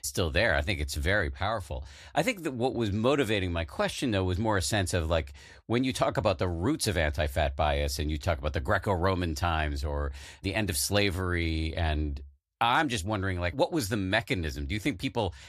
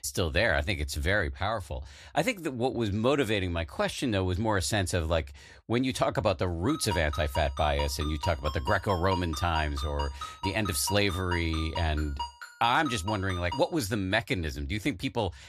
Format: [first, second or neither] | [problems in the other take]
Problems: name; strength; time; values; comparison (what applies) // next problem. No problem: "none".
first | phone ringing; noticeable; from 6.5 to 14 s; peak 8 dB below the speech